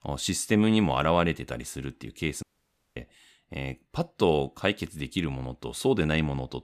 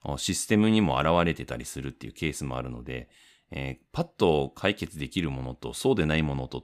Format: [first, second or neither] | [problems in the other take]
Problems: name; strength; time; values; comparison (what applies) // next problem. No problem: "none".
second | audio cutting out; at 2.5 s for 0.5 s